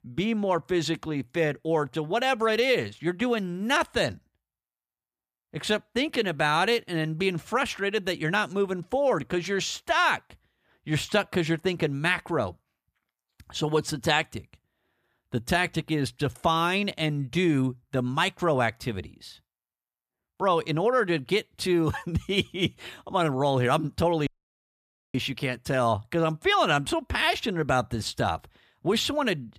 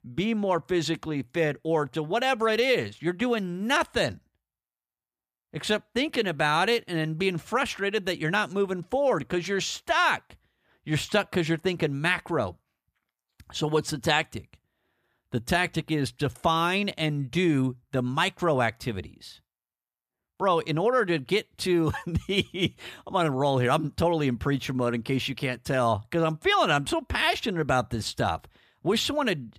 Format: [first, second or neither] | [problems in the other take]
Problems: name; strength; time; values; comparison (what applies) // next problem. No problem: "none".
second | audio cutting out; at 24 s for 1 s